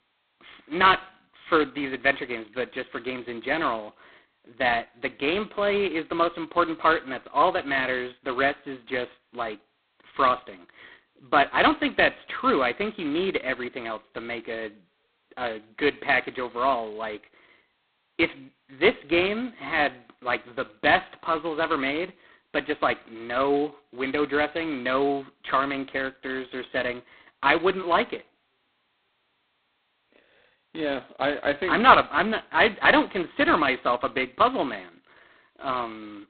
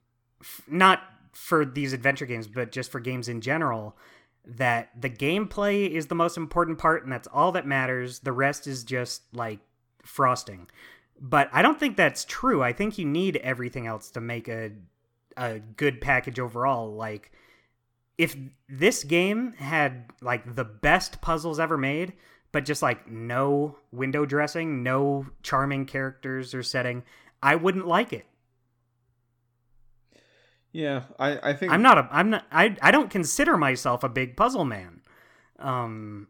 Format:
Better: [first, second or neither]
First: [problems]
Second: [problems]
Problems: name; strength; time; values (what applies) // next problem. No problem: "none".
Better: second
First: phone-call audio; poor line; nothing above 4 kHz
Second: none